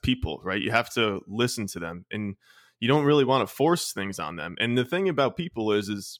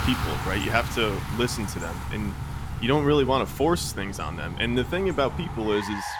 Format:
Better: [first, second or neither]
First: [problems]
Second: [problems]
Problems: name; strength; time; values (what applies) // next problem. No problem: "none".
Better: first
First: none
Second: traffic noise; loud; throughout; 7 dB below the speech